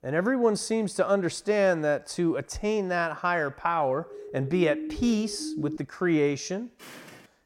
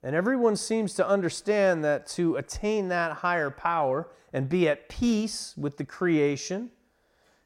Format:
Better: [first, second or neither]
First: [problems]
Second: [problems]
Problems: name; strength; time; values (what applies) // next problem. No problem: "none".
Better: second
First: siren; noticeable; from 4 to 6 s; peak 7 dB below the speech // footsteps; faint; at 7 s; peak 20 dB below the speech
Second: none